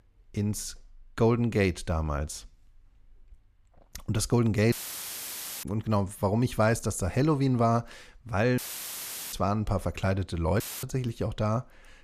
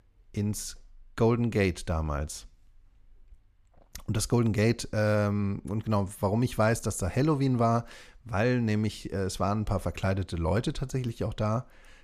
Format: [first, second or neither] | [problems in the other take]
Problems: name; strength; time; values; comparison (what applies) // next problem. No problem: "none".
second | audio cutting out; filled with static; at 4.5 s for 1 s, at 8.5 s for 1 s and at 11 s